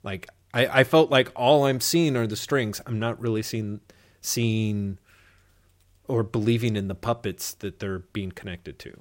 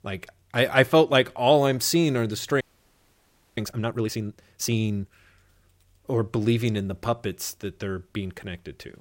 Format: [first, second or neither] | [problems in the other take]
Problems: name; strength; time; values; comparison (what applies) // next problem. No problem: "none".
first | audio freezing; at 2.5 s for 1 s